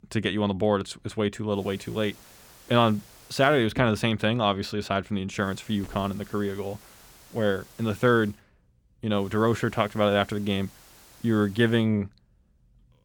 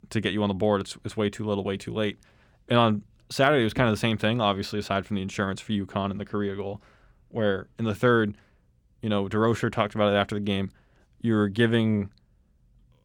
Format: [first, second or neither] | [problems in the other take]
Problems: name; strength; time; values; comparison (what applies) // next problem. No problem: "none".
second | hiss; faint; from 1.5 to 3.5 s, from 5.5 to 8.5 s and from 9 to 12 s; 25 dB below the speech